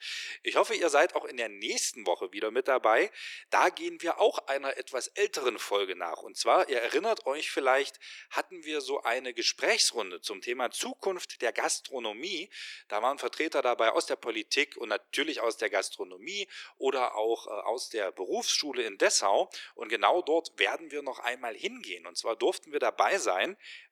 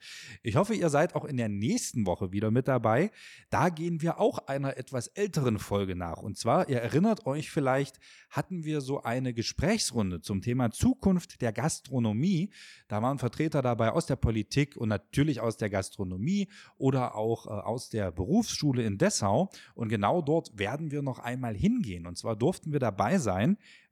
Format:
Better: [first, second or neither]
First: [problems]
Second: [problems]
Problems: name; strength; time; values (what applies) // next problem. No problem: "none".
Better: second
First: thin; very; fading below 350 Hz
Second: none